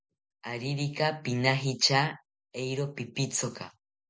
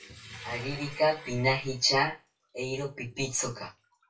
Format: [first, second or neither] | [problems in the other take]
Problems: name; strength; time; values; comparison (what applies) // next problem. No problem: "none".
first | noise reduction (classical method WPE with log-MMSE)